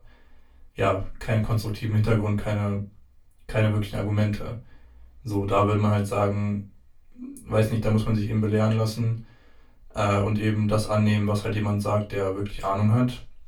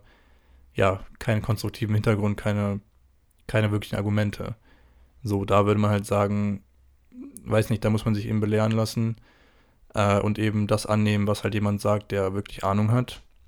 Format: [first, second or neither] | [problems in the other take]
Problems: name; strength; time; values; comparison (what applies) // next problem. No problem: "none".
second | off-mic speech; far // room echo; very slight; dies away in 0.2 s